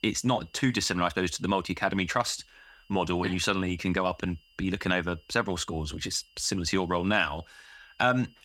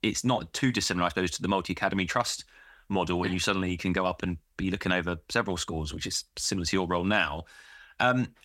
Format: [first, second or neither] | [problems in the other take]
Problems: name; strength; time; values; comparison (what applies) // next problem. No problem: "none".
second | high-pitched whine; faint; throughout; 3 kHz, 30 dB below the speech